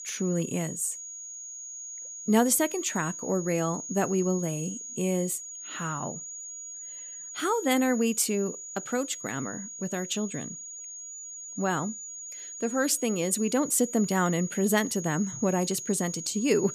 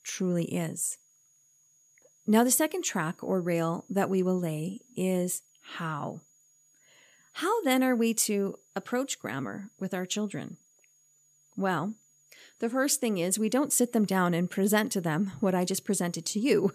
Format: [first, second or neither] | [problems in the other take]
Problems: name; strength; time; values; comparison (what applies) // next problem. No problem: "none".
second | high-pitched whine; loud; throughout; 6.5 kHz, 9 dB below the speech; faint in the second